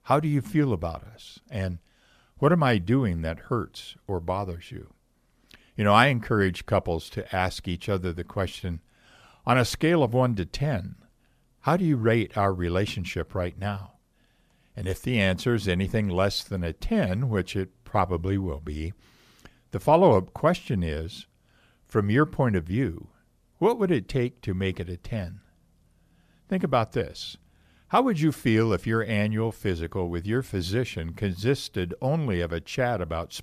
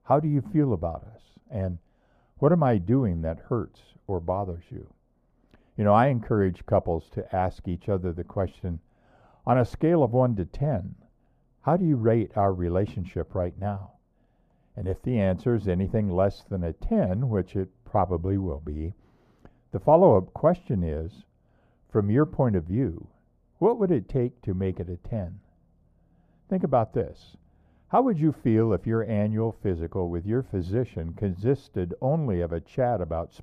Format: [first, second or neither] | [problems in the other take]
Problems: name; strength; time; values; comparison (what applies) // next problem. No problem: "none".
first | muffled; very; fading above 1.5 kHz